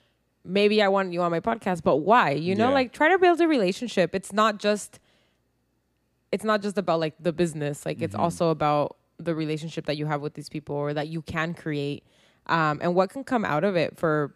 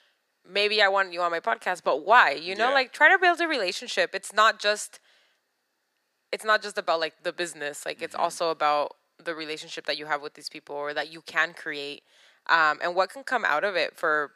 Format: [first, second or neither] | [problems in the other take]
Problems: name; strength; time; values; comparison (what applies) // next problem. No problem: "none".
first | thin; very; fading below 650 Hz